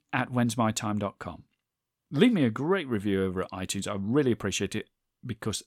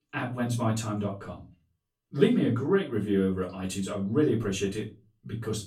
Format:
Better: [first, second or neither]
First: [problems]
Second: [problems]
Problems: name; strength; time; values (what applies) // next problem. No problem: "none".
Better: first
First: none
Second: off-mic speech; far // room echo; slight; dies away in 0.3 s